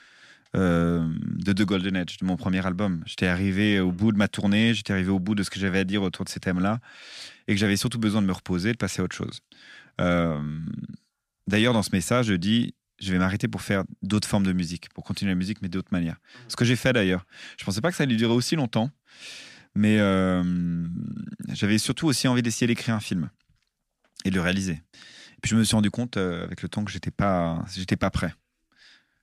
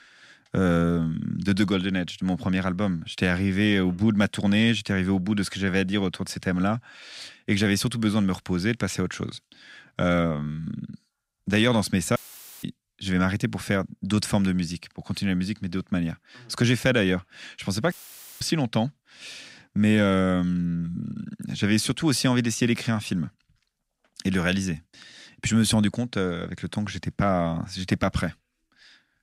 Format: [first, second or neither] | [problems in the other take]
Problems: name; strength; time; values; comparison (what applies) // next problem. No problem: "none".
first | audio cutting out; filled with static; at 12 s and at 18 s